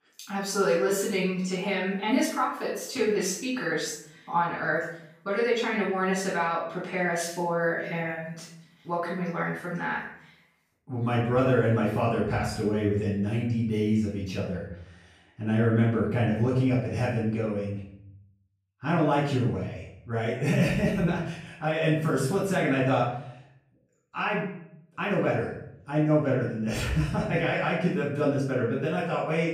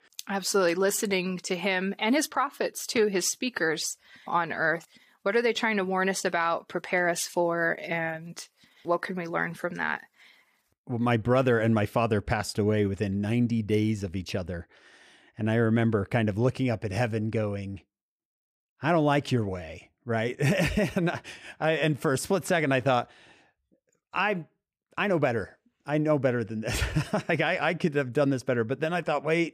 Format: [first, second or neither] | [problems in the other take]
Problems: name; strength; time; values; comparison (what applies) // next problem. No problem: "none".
second | off-mic speech; far // room echo; noticeable; dies away in 0.7 s